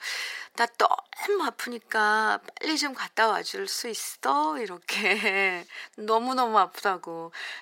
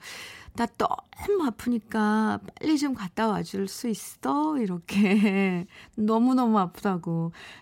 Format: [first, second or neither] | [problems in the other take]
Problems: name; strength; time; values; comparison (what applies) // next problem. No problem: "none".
second | thin; very; fading below 450 Hz